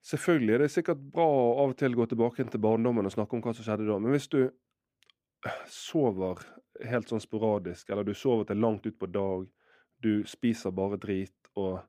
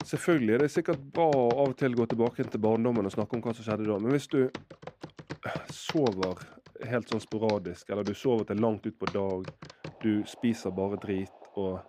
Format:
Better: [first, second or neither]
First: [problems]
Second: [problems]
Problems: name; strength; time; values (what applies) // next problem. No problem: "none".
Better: first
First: none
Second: household noises; noticeable; throughout; 15 dB below the speech